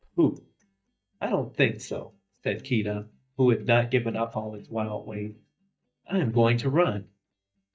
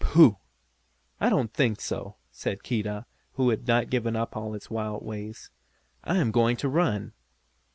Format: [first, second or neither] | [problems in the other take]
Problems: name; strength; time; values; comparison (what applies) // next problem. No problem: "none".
second | noise reduction (neural mask model DeepFilterNet 3)